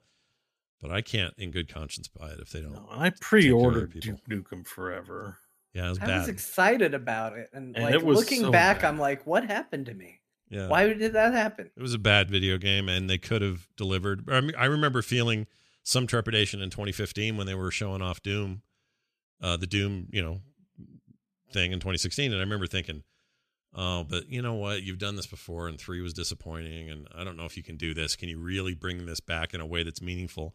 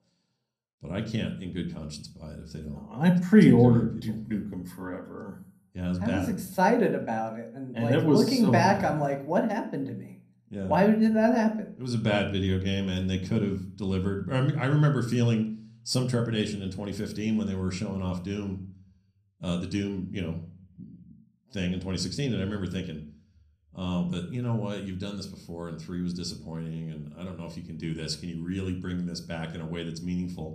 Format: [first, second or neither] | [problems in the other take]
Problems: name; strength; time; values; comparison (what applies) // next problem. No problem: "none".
first | room echo; slight; dies away in 0.5 s // off-mic speech; somewhat distant